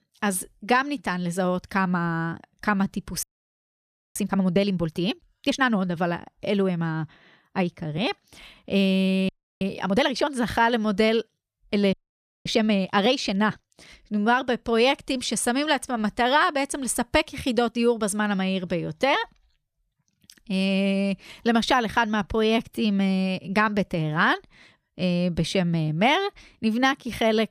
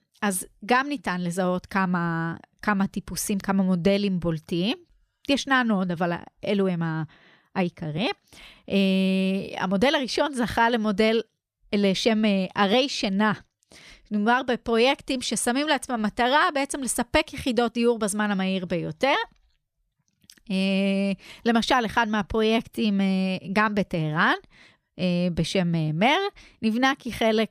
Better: second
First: audio freezing; at 3 s for 1 s, at 9.5 s and at 12 s for 0.5 s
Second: none

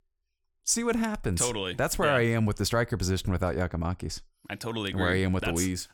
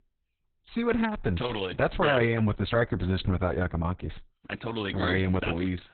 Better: first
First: none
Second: garbled, watery; badly; nothing above 4 kHz

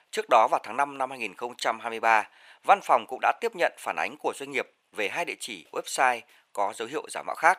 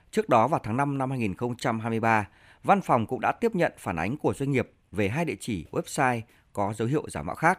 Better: second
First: thin; very; fading below 700 Hz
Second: none

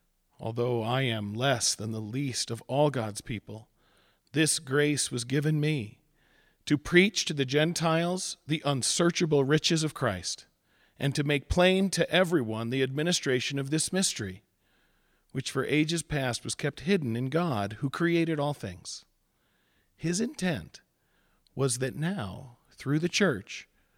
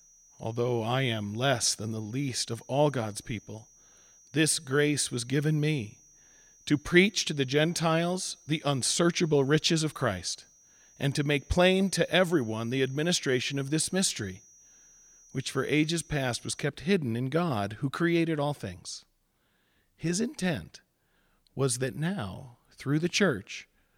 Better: first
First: none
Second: high-pitched whine; faint; until 17 s; 6 kHz, 25 dB below the speech

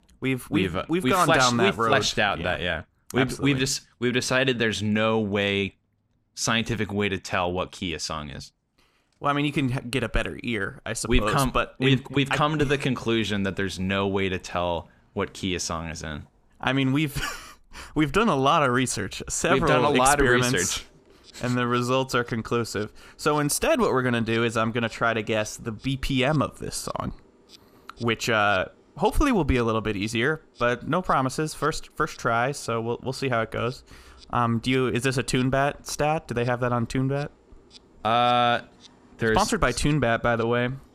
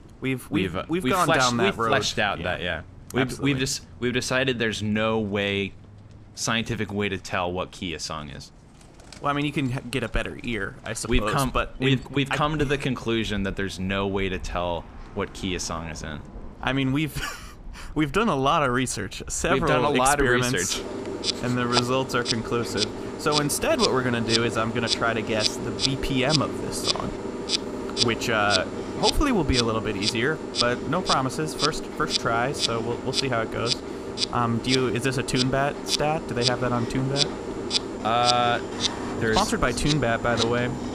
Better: first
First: animal sounds; faint; throughout; 30 dB below the speech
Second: animal sounds; loud; throughout; 2 dB below the speech

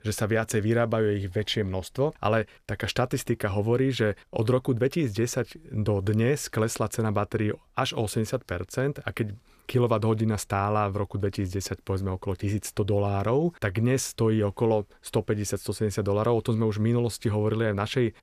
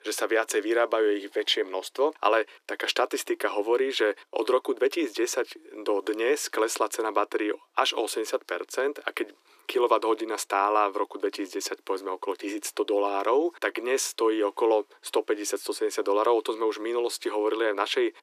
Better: first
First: none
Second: thin; very; fading below 300 Hz

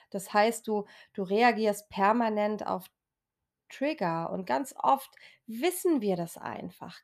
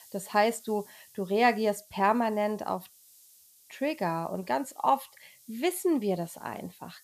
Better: first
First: none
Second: hiss; faint; throughout; 25 dB below the speech

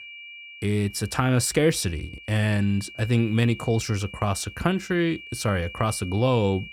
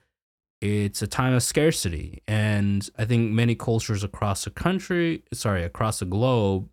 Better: second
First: high-pitched whine; noticeable; throughout; 2.5 kHz, 15 dB below the speech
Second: none

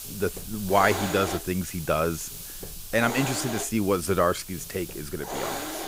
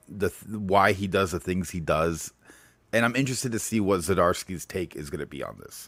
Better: second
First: hiss; loud; throughout; 8 dB below the speech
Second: none

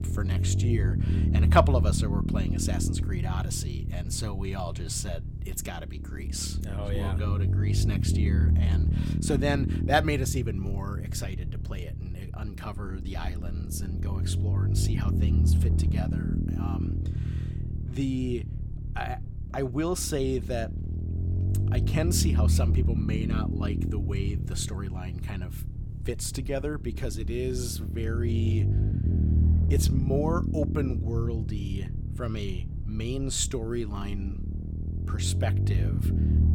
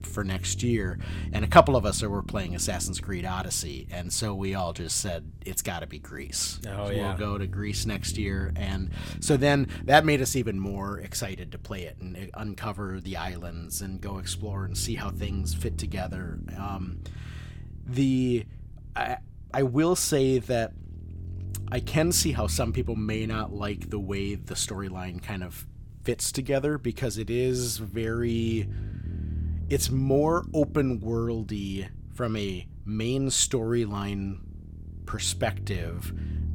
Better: second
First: low rumble; loud; throughout; 7 dB below the speech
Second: low rumble; faint; throughout; 20 dB below the speech

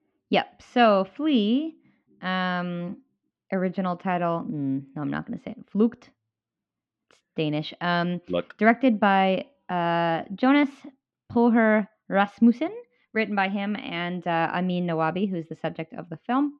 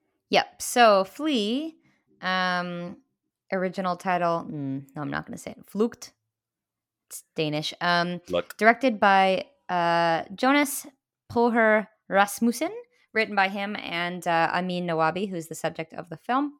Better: second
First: muffled; slightly; fading above 3.5 kHz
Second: none

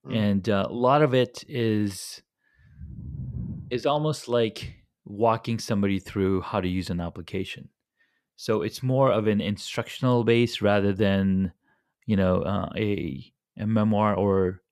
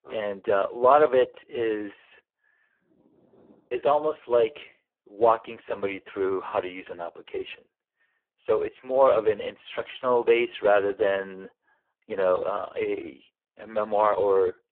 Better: first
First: none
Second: phone-call audio; poor line

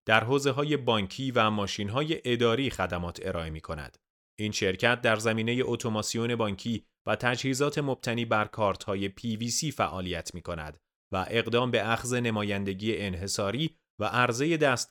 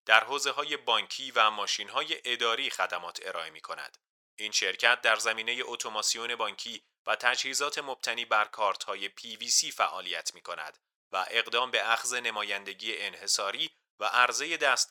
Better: first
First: none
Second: thin; very; fading below 900 Hz

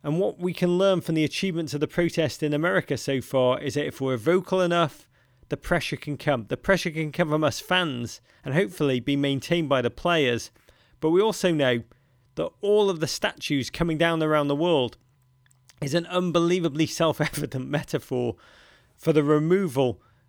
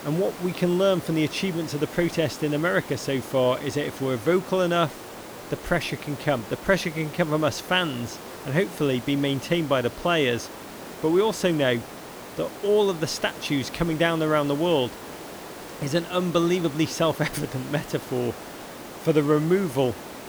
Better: first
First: none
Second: hiss; noticeable; throughout; 15 dB below the speech

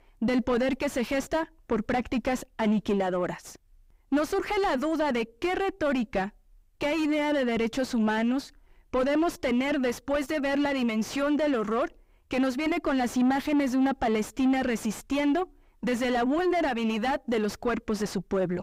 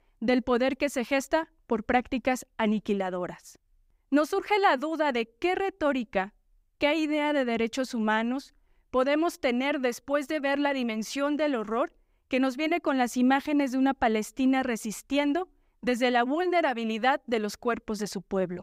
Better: second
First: distortion; heavy; 6 dB below the speech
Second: none

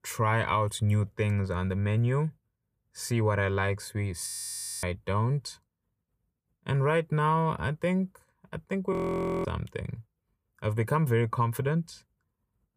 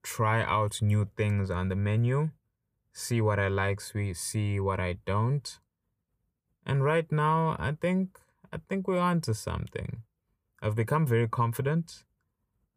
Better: second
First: audio freezing; at 4.5 s for 0.5 s and at 9 s for 0.5 s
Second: none

